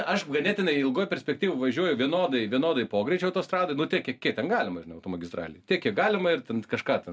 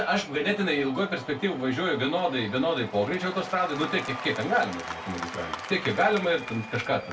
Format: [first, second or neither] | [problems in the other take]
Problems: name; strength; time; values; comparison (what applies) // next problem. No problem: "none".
first | background sound (Applause / Crowd / Cheering); 11 dB below the speech // room echo; dies away in 0.2 s